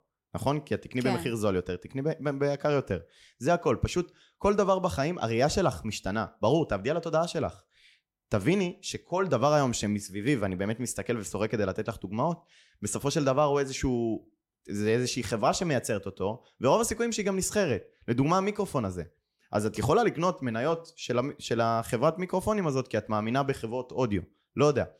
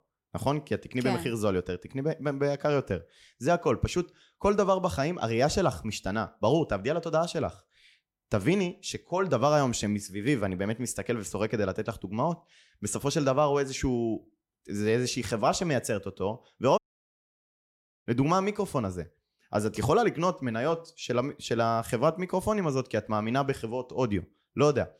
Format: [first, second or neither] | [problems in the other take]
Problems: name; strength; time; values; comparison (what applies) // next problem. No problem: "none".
first | audio cutting out; at 17 s for 1.5 s